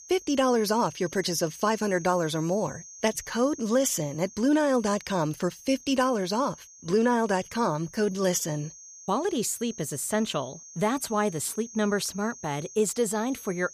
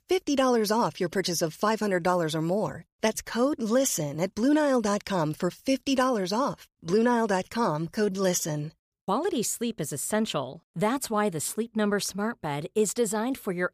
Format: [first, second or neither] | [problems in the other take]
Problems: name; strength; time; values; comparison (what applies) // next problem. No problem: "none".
second | high-pitched whine; noticeable; throughout; 6.5 kHz, 15 dB below the speech